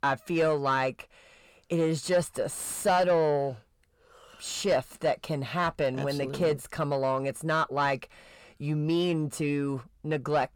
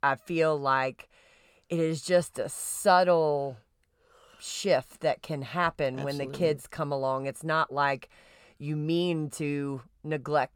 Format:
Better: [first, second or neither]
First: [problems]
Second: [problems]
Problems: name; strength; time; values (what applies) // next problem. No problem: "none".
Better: second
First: distortion; slight; 10 dB below the speech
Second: none